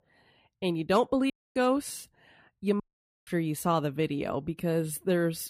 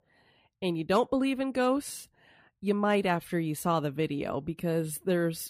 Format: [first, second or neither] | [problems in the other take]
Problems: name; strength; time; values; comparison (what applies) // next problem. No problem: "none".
second | audio cutting out; at 1.5 s and at 3 s